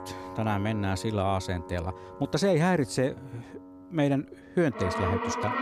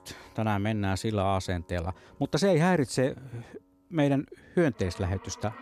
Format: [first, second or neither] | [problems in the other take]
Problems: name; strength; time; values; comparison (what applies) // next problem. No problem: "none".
second | background music; loud; throughout; 9 dB below the speech; faint in the second